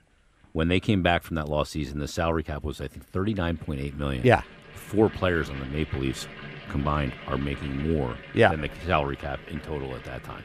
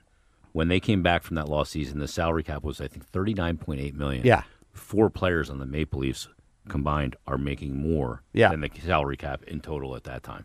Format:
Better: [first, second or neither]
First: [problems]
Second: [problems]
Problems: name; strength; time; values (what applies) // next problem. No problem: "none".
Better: second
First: household noises; noticeable; throughout; 15 dB below the speech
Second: none